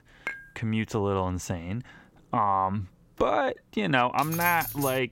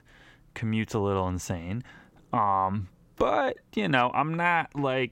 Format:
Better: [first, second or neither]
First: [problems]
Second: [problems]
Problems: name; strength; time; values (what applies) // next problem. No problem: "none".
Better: second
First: clattering dishes; noticeable; at 0.5 s; peak 9 dB below the speech // jangling keys; noticeable; at 4 s; peak 5 dB below the speech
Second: none